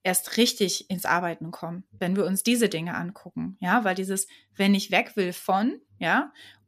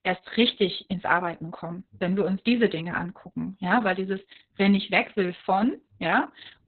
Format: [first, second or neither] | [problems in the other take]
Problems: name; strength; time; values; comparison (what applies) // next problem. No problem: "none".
first | garbled, watery; badly; nothing above 4 kHz